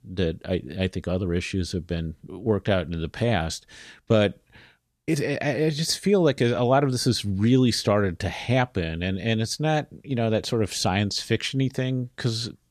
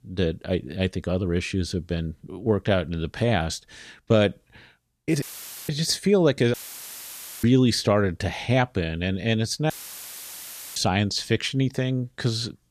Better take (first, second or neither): first